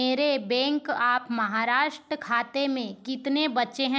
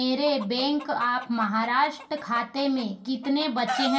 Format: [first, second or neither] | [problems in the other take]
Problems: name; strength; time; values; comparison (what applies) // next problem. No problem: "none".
first | background sound (Chicken, rooster); 12 dB below the speech // room echo; dies away in 0.2 s